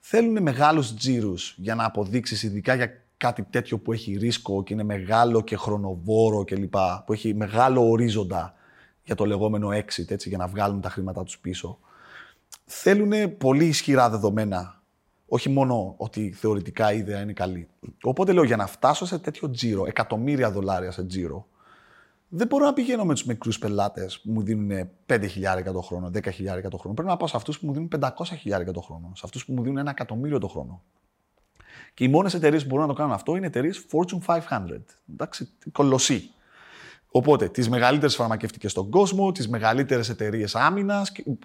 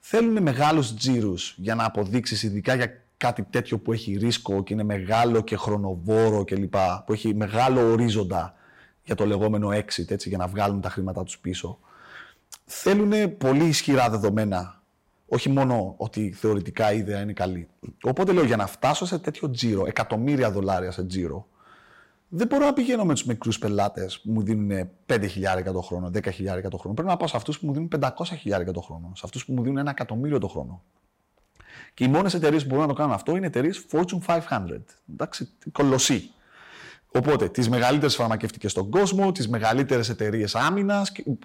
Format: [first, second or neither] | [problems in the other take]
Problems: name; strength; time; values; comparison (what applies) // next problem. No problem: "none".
first | distortion; slight; 4% of the sound clipped